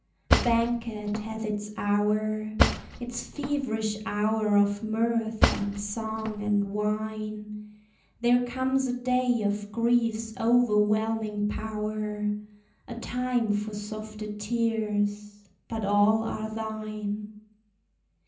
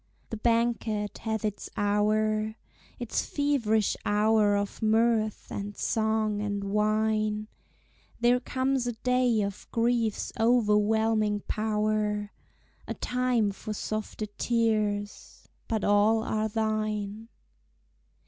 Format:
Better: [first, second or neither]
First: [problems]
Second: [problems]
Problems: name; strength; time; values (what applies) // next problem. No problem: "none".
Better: second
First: background sound (Cutlery, silverware / Drawer open or close); 1 dB below the speech // room echo; dies away in 0.6 s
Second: none